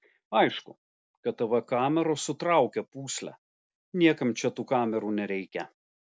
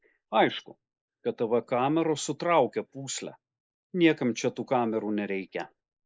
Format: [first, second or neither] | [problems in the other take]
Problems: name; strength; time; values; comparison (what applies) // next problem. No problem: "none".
first | noise reduction (neural mask model Resemble Enhance denoiser)